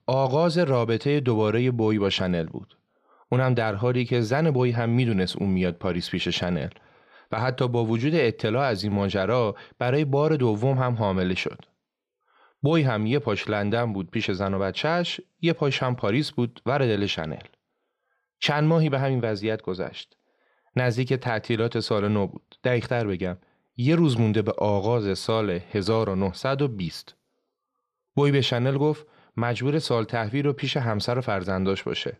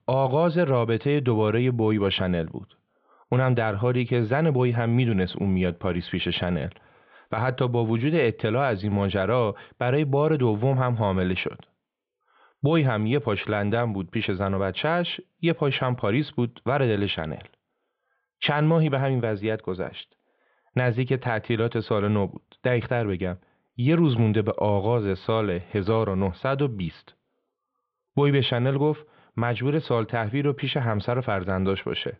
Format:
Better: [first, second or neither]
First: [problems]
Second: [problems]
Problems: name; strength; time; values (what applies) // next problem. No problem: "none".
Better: first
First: none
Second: muffled; very; fading above 3.5 kHz